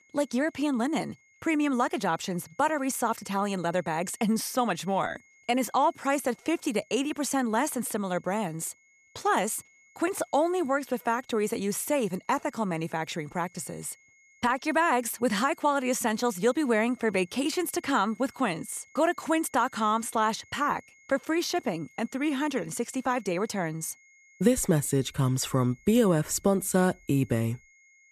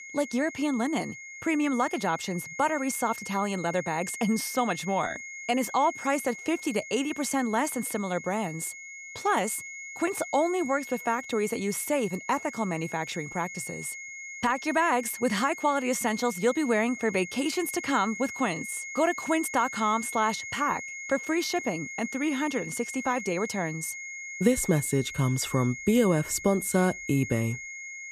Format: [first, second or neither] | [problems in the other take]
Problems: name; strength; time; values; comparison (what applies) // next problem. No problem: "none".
first | high-pitched whine; loud; throughout; 2 kHz, 10 dB below the speech; faint in the first